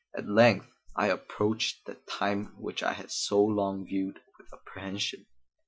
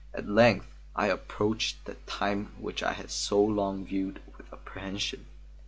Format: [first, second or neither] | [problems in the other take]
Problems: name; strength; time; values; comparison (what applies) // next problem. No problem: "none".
second | noise reduction (classical method Wiener filter)